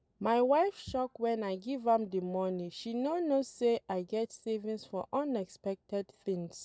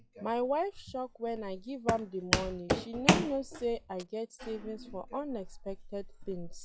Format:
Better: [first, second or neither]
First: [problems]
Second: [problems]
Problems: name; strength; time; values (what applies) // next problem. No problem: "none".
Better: first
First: none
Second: noise reduction (classical method log-MMSE)